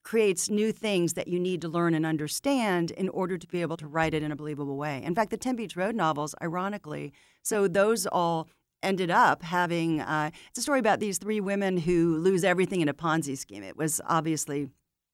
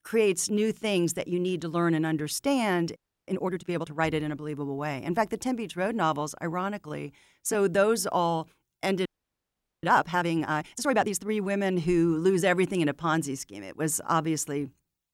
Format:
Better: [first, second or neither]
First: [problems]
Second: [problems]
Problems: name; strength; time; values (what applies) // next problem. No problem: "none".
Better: first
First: none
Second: audio freezing; at 3 s and at 9 s for 1 s